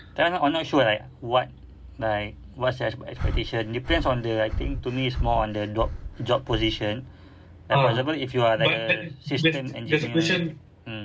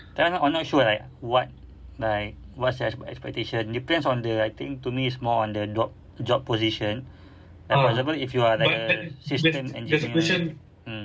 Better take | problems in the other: second | background sound (Breathing); 6 dB below the speech

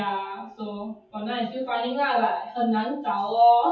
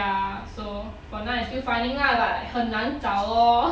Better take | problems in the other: second | noise reduction (classical method WPE with log-MMSE)

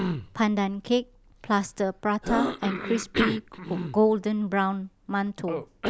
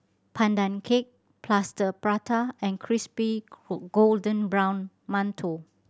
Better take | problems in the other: second | background sound (Cough); 6 dB below the speech

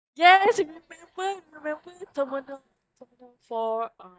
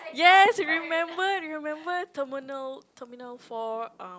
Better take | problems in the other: second | noise reduction (neural mask model DeepFilterNet 3)

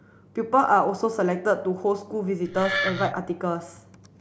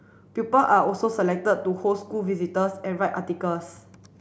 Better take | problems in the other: second | background sound (Wood); 4 dB below the speech

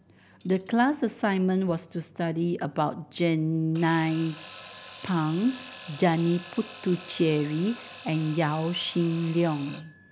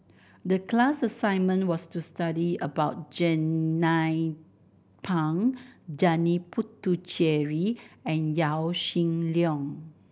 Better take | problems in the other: second | background sound (Alarm / Clock); 19 dB below the speech

